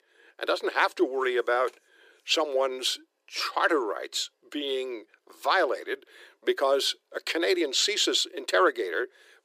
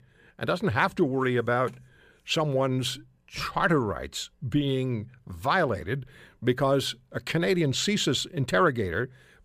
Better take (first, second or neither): second